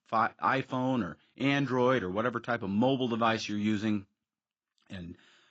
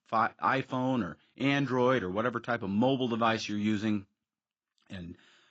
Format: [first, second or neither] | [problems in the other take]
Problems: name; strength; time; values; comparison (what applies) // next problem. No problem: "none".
neither | garbled, watery; badly; the same in both